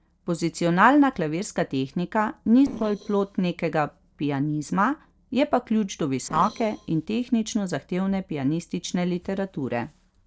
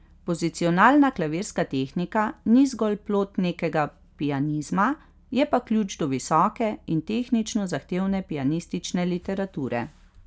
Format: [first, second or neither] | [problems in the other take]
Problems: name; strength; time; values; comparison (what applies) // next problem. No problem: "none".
second | noise reduction (neural separator model SepFormer DNS4)